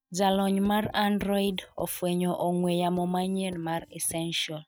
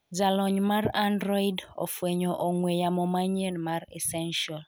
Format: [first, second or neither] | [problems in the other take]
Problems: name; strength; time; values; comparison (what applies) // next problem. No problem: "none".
second | noise reduction (neural mask model DeepFilterNet 3)